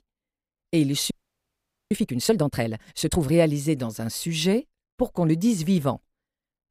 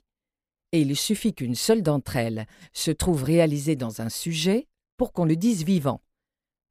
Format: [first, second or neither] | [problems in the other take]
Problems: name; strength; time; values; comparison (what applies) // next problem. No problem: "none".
second | audio freezing; at 1 s for 1 s